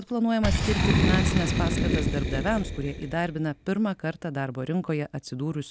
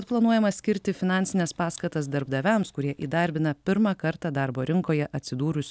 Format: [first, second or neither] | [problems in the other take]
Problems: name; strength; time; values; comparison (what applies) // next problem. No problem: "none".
second | background sound (Boom); as loud as the speech